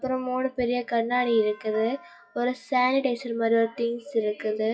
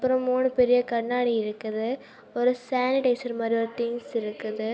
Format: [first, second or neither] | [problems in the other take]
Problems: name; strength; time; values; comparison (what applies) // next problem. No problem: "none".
second | noise reduction (classical method WPE with log-MMSE)